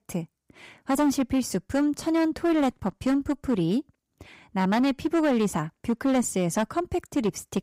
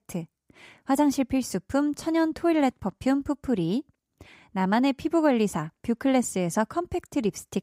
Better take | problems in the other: second | distortion; slight; 8% of the sound clipped

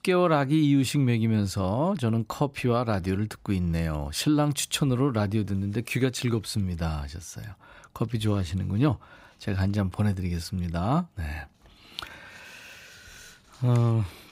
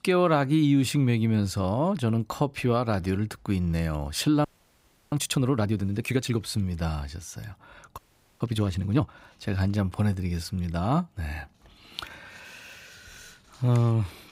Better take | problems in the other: first | audio freezing; at 4.5 s for 0.5 s and at 8 s

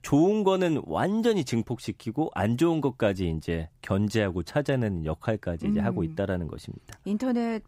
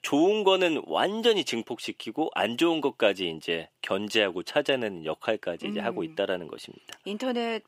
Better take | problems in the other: first | thin; somewhat; fading below 400 Hz

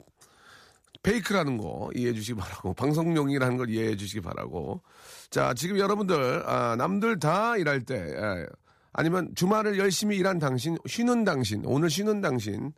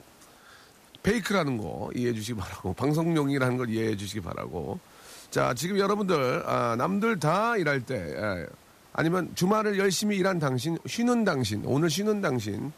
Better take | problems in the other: first | hiss; faint; throughout; 30 dB below the speech

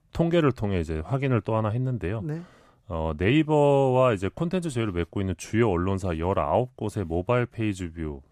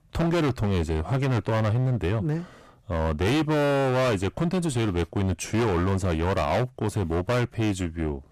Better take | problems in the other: first | distortion; heavy; 23% of the sound clipped

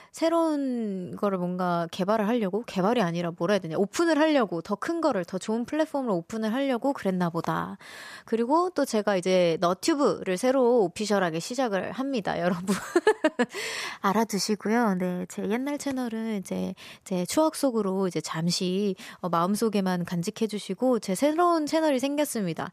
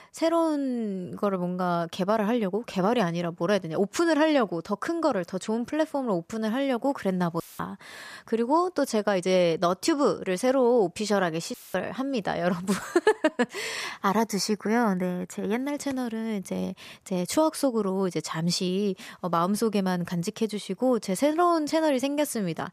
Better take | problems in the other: first | audio cutting out; filled with static; at 7.5 s and at 12 s

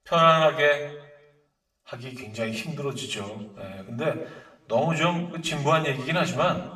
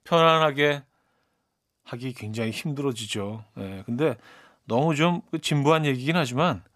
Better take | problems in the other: second | room echo; slight; dies away in 0.6 s // off-mic speech; far

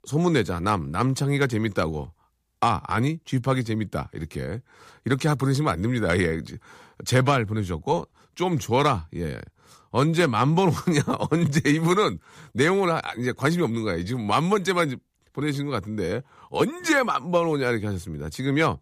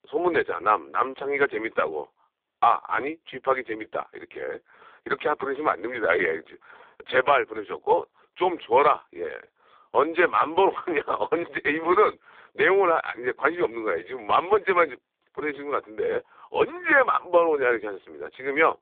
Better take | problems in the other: first | phone-call audio; poor line

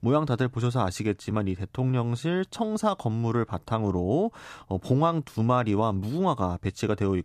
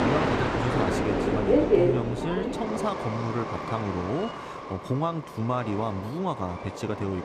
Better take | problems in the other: first | train or aircraft noise; very loud; throughout; 3 dB above the speech

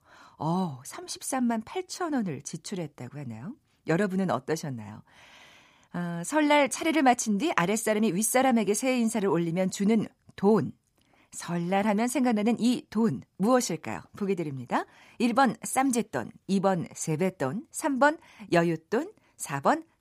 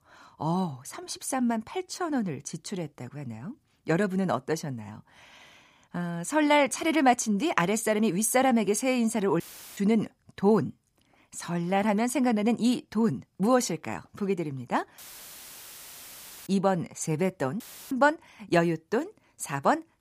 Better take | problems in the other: first | audio cutting out; filled with static; at 9.5 s, at 15 s for 1.5 s and at 18 s

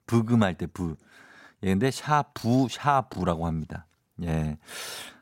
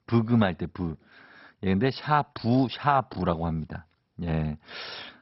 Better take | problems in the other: first | garbled, watery; badly; nothing above 5.5 kHz

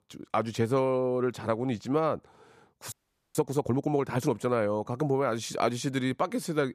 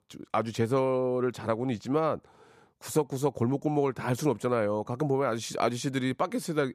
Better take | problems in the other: second | audio freezing; at 3 s

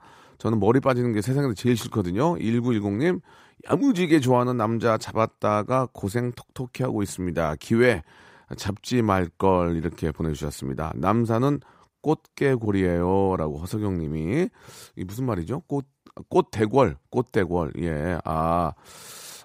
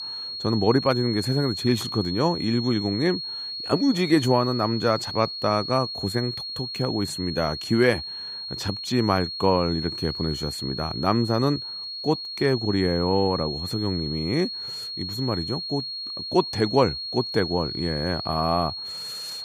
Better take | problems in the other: first | high-pitched whine; loud; throughout; 4.5 kHz, 6 dB below the speech

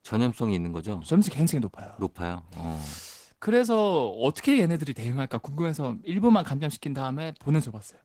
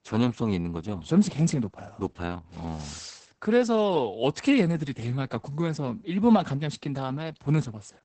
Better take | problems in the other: first | garbled, watery; badly; nothing above 8 kHz; slightly in the first

